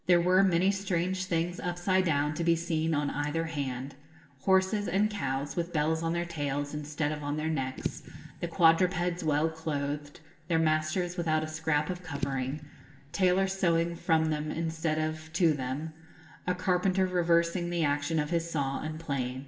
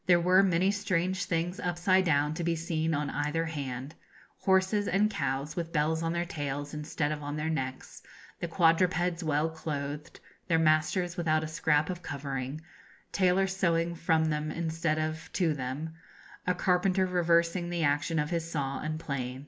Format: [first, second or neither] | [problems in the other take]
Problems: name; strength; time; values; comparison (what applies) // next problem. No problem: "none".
second | background sound (Fireworks / Boom); 15 dB below the speech // room echo; dies away in 2.6 s